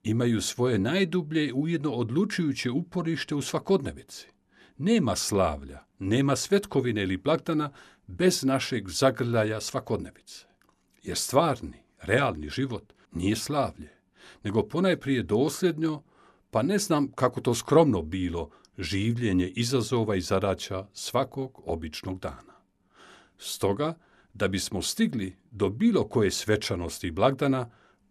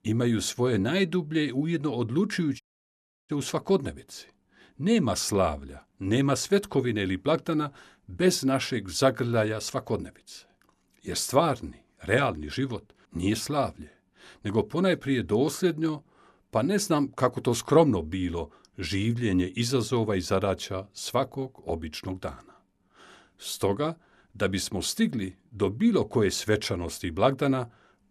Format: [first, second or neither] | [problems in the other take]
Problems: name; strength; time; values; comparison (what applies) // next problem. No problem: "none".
first | audio cutting out; at 2.5 s for 0.5 s